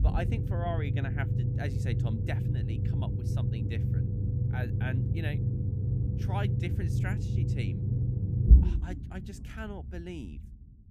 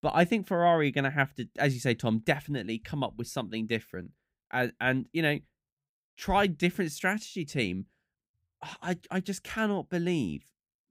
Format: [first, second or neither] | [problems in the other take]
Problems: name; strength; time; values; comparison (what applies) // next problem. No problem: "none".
second | low rumble; loud; throughout; 1 dB below the speech